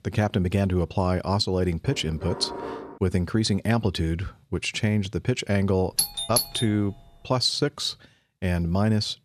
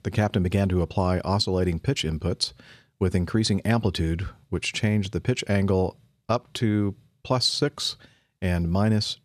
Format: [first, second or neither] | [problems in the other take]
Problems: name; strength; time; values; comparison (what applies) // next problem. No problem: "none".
second | clattering dishes; noticeable; from 2 to 3 s; peak 9 dB below the speech // doorbell; loud; at 6 s; peak 2 dB above the speech